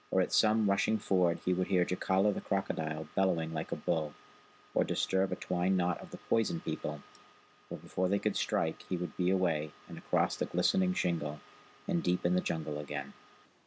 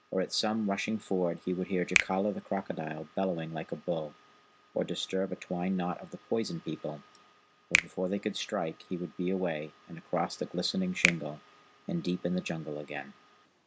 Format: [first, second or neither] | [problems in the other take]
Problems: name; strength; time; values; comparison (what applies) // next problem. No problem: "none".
first | background sound (Finger snapping); 3 dB below the speech